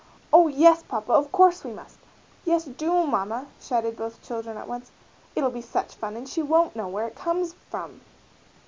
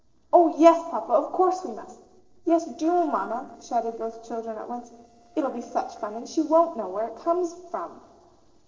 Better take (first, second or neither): first